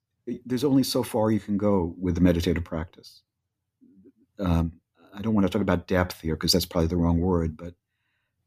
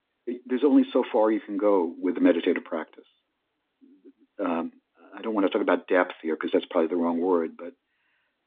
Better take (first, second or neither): first